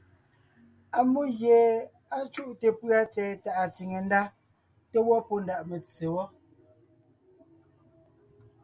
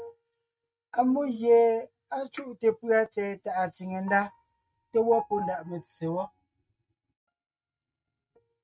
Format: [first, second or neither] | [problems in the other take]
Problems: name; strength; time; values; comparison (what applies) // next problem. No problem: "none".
first | noise reduction (neural mask model RNNoise)